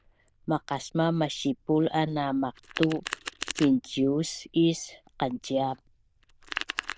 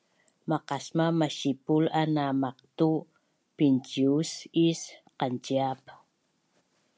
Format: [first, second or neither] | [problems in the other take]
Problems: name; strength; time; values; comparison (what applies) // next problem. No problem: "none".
second | noise reduction (neural diffusion model UNIVERSE++)